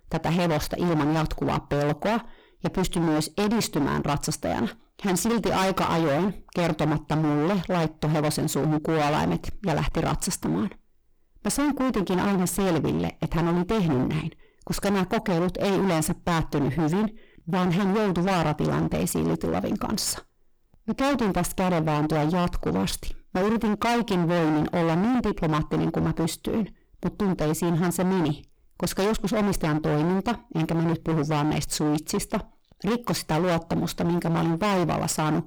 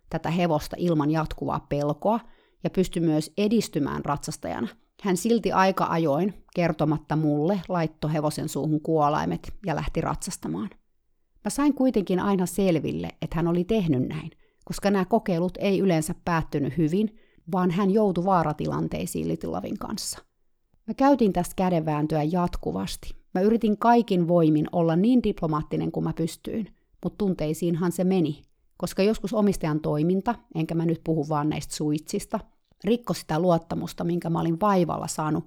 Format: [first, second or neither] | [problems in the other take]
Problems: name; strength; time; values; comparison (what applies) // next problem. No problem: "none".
second | distortion; heavy; 34% of the sound clipped